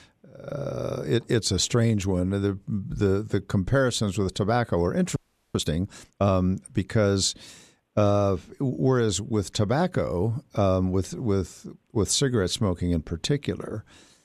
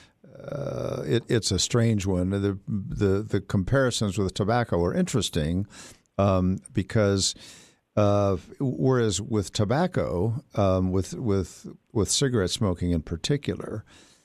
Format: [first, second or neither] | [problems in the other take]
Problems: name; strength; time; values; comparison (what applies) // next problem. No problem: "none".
second | audio freezing; at 5 s